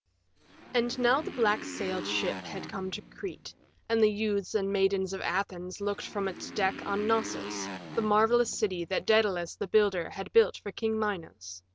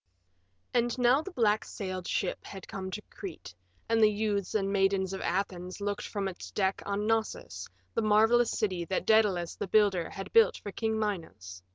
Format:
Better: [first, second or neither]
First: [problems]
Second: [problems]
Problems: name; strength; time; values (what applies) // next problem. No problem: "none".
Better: second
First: background sound (Motorcycle); 12 dB below the speech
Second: none